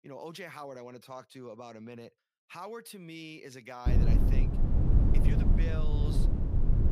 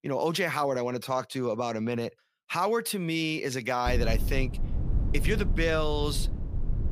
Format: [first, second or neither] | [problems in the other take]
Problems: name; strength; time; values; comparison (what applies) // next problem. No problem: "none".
second | wind noise on the microphone; heavy; from 4 s on; 3 dB above the speech; occasional gusts in the second